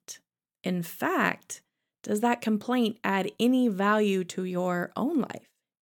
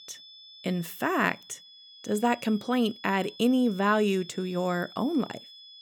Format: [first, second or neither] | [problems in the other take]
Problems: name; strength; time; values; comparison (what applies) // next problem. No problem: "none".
first | high-pitched whine; noticeable; throughout; 3.5 kHz, 20 dB below the speech